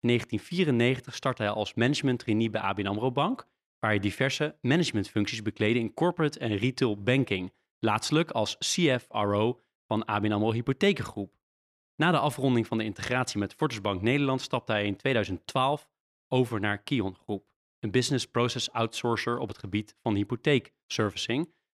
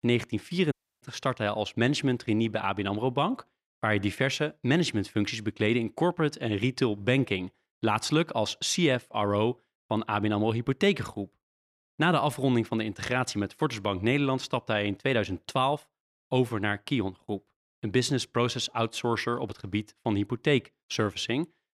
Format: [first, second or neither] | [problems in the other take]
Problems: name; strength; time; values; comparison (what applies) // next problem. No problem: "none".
first | audio cutting out; at 0.5 s